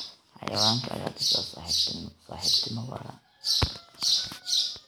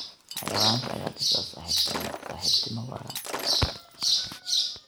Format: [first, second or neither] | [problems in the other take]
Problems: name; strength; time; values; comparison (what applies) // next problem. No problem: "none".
first | background sound (Shatter); 9 dB below the speech